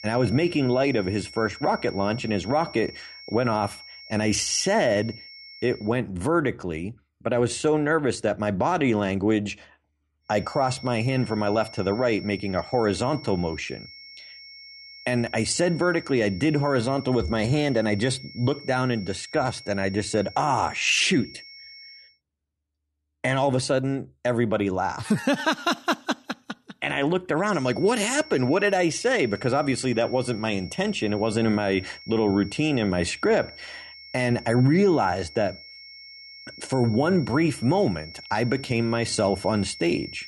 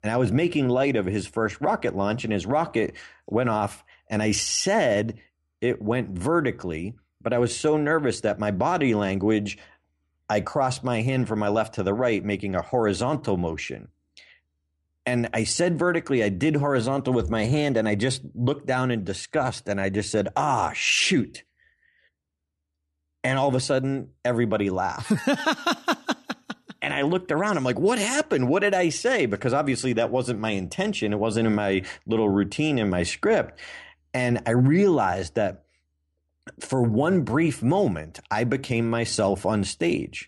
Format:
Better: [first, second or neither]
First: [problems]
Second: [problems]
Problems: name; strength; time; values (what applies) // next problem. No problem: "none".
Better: second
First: high-pitched whine; noticeable; until 6 s, from 10 to 22 s and from 27 s on; 5.5 kHz, 15 dB below the speech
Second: none